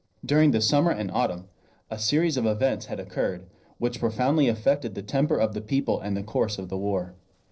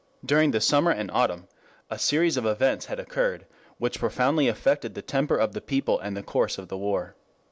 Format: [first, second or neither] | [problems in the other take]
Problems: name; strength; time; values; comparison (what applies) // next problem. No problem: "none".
second | noise reduction (neural separator model SepFormer DNS4)